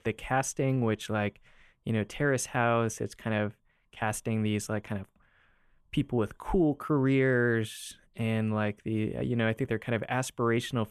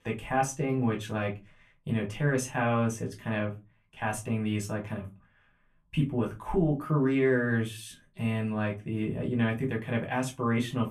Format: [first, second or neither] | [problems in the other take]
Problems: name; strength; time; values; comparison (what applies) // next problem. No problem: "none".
first | off-mic speech; far // room echo; very slight; dies away in 0.2 s